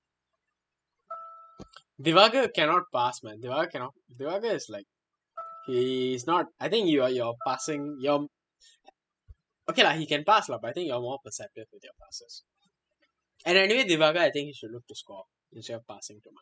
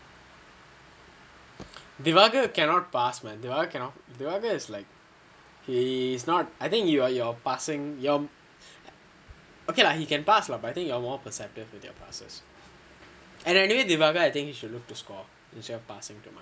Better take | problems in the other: second | noise reduction (classical method spectral subtraction)

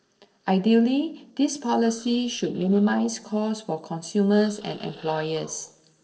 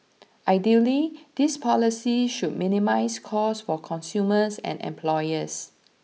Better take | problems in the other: second | noise reduction (neural separator model SepFormer DNS4)

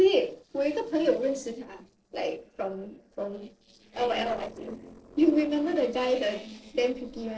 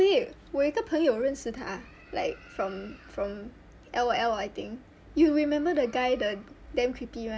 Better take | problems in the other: second | noise reduction (neural separator model SepFormer DNS4)

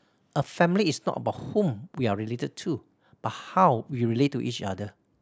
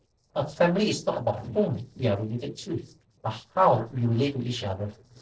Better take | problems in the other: first | noise reduction (neural separator model SepFormer DNS4)

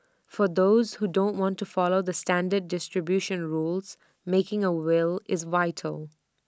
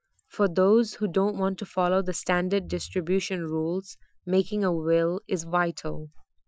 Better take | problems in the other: first | noise reduction (classical method Wiener filter)

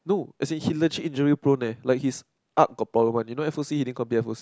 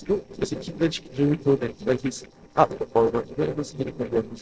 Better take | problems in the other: first | noise reduction (neural separator model SepFormer DNS4)

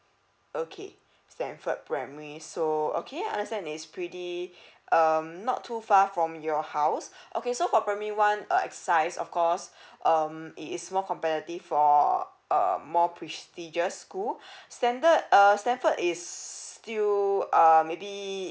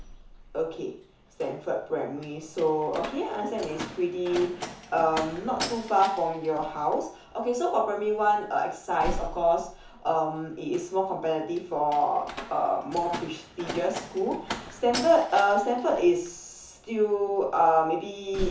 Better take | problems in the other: first | background sound (Slam); 13 dB below the speech // room echo; dies away in 0.9 s

